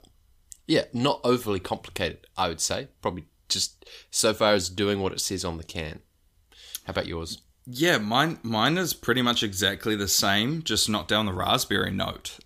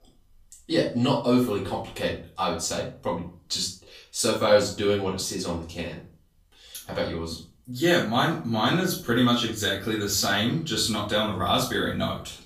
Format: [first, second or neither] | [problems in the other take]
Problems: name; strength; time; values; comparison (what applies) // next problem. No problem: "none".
first | off-mic speech; far // room echo; slight; dies away in 0.3 s